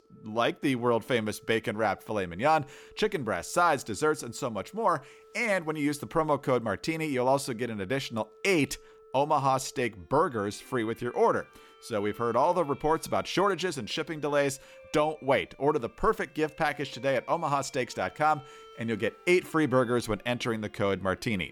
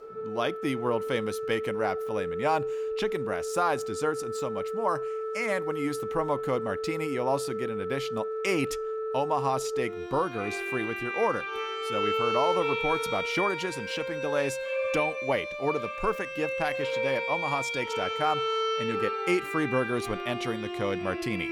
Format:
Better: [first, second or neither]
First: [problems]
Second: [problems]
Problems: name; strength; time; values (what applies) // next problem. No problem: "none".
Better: first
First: background music; faint; throughout; 25 dB below the speech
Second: background music; loud; throughout; 1 dB below the speech